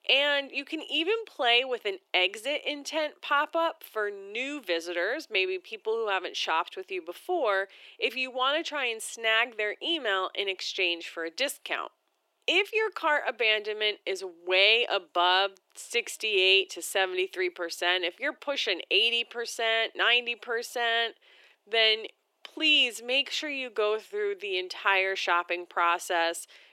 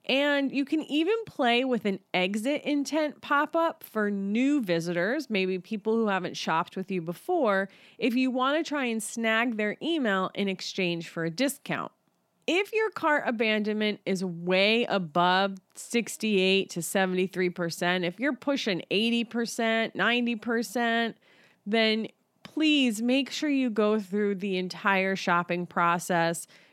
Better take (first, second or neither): second